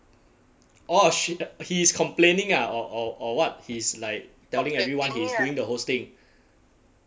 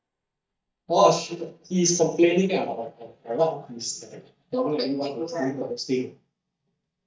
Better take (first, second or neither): first